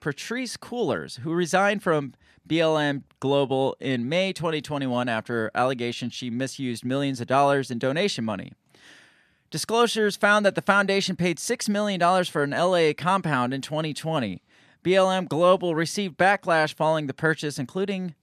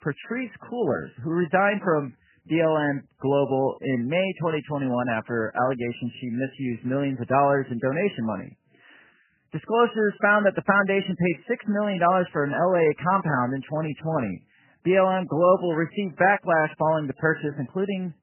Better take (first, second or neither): first